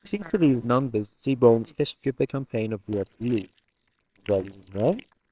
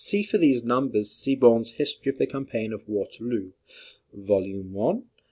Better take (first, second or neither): second